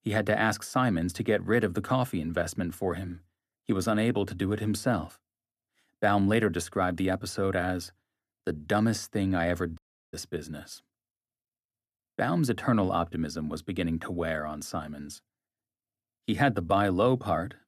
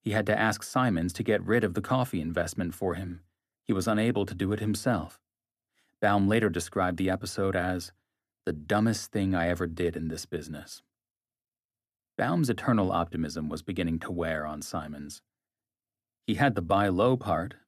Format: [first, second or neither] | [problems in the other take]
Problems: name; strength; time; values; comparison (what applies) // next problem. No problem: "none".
second | audio cutting out; at 10 s